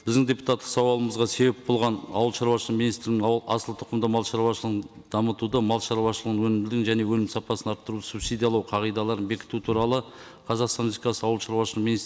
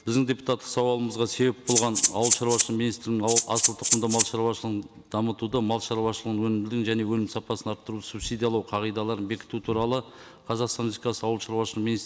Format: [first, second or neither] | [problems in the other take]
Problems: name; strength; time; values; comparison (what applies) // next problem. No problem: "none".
first | background sound (Rattle (instrument)); 2 dB above the speech